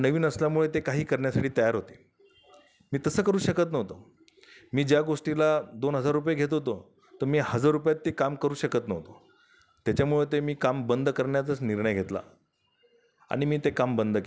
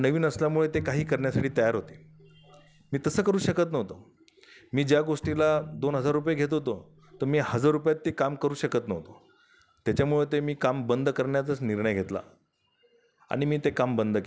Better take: first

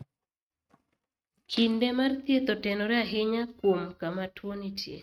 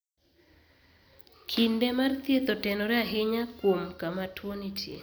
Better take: second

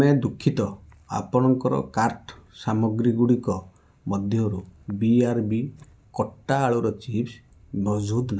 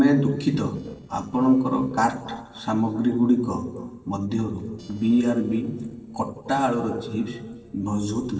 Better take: first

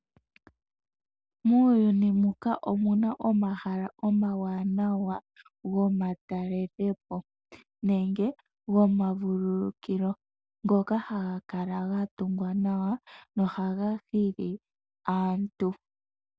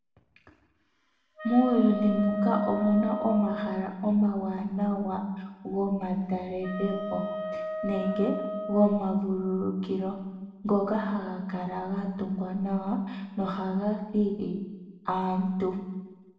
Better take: first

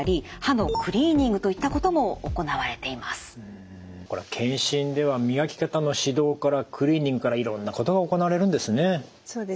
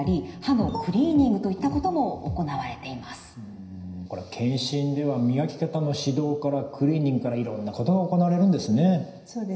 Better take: first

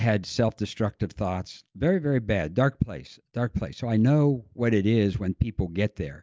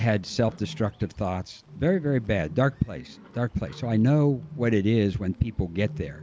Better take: first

